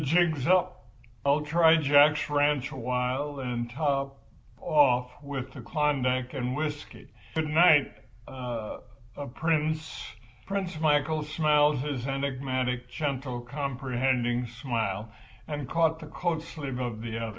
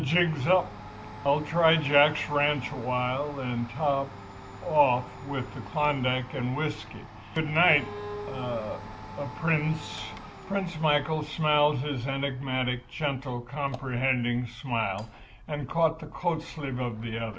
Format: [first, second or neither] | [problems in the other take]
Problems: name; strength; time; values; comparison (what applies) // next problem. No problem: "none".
first | background sound (Bowed string instrument + Domestic sounds, home sounds); 15 dB below the speech